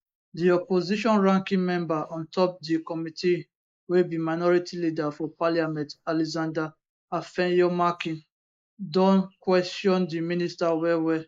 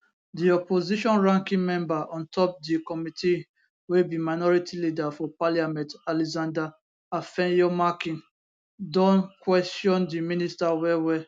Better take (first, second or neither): second